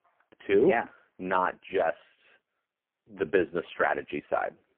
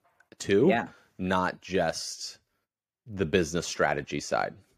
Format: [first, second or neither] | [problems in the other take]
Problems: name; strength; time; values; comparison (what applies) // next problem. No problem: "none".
second | phone-call audio; poor line; nothing above 3 kHz